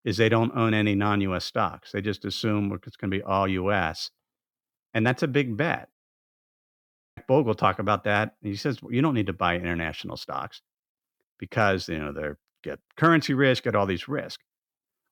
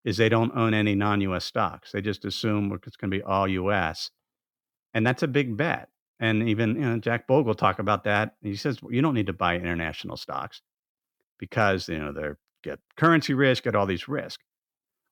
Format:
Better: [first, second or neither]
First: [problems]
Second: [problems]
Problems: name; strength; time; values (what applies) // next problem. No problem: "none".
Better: second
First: audio cutting out; at 6 s for 1 s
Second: none